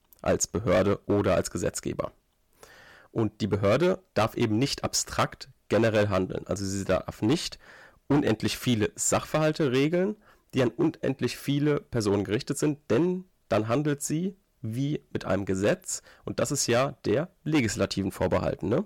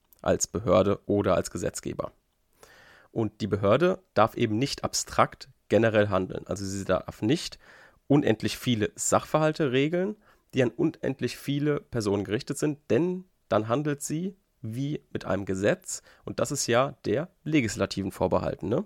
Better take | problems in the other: second | distortion; slight; 6% of the sound clipped

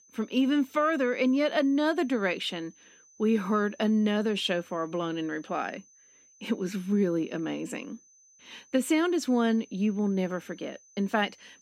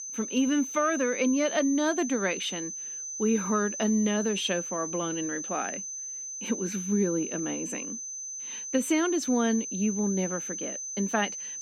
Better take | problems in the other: first | high-pitched whine; loud; throughout; 6 kHz, 5 dB below the speech; faint in the first

